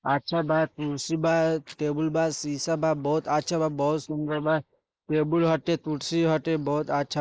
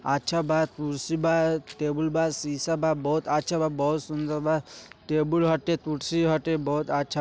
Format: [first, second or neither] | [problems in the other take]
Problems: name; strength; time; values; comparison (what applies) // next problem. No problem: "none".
second | noise reduction (neural mask model Resemble Enhance denoiser)